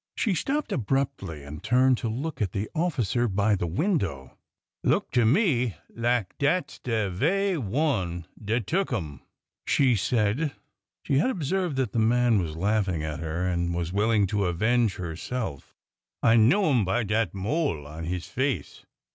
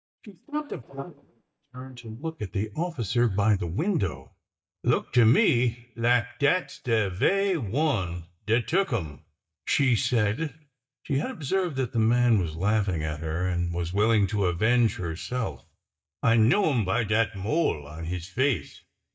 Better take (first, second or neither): first